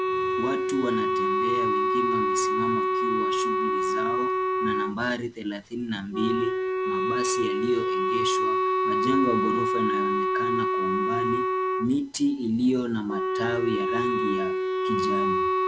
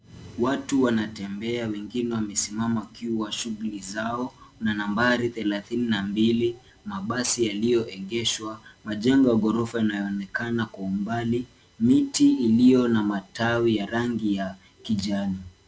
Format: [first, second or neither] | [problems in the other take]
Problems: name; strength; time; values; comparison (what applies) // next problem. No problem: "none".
second | background sound (Wind instrument, woodwind instrument); 4 dB above the speech